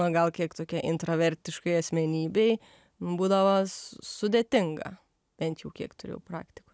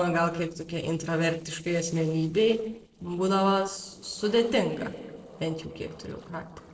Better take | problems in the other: first | noise reduction (neural separator model SepFormer DNS4)

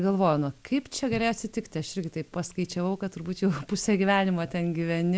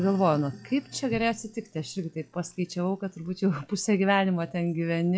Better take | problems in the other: first | noise reduction (classical method log-MMSE)

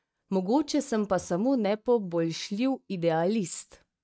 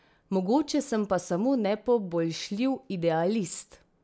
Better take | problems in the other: second | noise reduction (neural mask model DeepFilterNet 3)

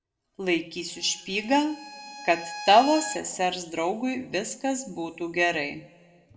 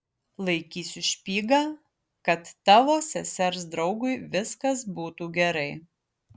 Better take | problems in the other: second | background sound (Bowed string instrument); 14 dB below the speech // room echo; dies away in 1.4 s

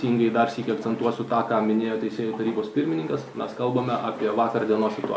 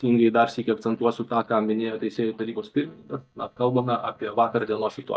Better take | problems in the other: first | noise reduction (neural mask model DeepFilterNet 3)

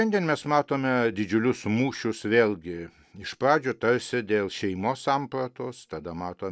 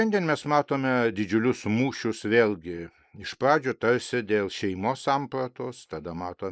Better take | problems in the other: first | noise reduction (neural mask model Resemble Enhance denoiser)

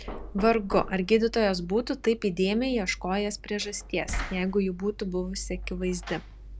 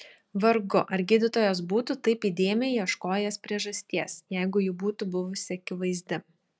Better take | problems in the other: second | background sound (Knock); 11 dB below the speech

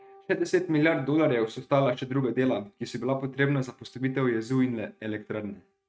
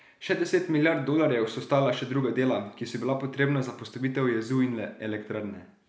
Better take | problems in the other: second | noise reduction (neural mask model RNNoise)

